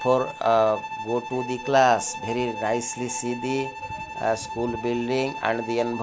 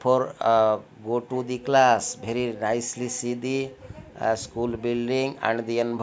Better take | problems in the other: second | background sound (Bowed string instrument); 10 dB below the speech

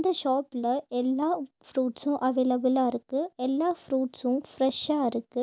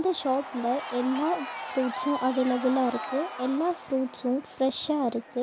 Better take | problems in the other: first | background sound (Crowd / Cheering); 10 dB below the speech

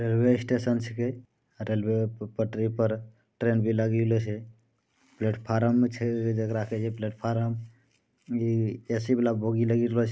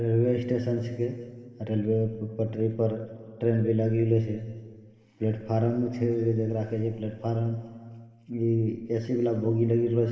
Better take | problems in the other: first | room echo; dies away in 1.8 s

